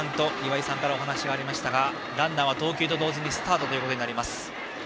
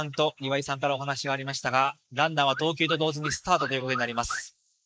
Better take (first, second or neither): first